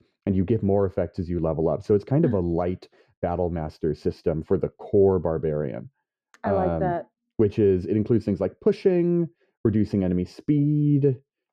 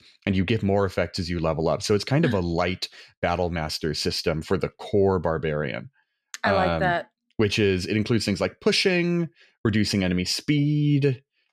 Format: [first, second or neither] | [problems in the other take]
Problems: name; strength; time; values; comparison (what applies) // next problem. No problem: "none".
second | muffled; very; fading above 1.5 kHz